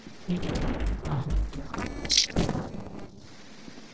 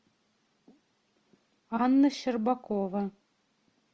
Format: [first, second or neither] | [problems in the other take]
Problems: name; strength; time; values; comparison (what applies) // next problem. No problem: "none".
second | noise reduction (neural separator model SepFormer DNS4)